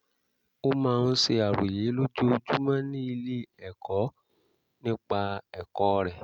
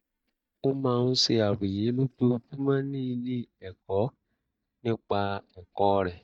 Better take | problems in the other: first | noise reduction (neural mask model DeepFilterNet 3)

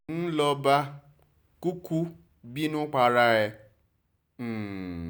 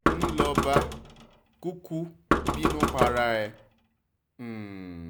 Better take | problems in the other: first | background sound (Knock); 3 dB above the speech

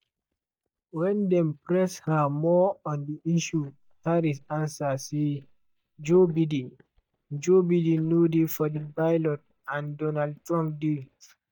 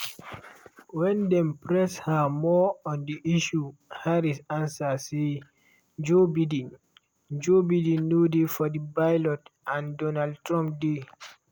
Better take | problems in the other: second | noise reduction (neural mask model DeepFilterNet 3)

